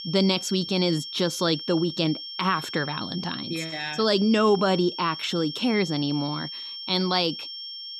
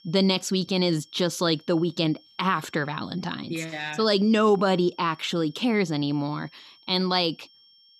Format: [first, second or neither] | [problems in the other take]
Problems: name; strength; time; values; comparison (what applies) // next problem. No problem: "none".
second | high-pitched whine; loud; throughout; 5.5 kHz, 9 dB below the speech; faint in the second